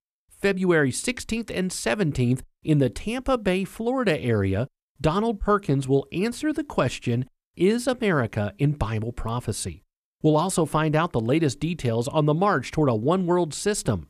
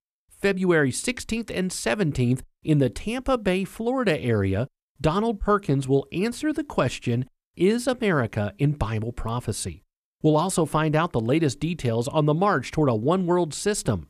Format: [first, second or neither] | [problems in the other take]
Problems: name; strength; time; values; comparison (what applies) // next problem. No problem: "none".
neither | none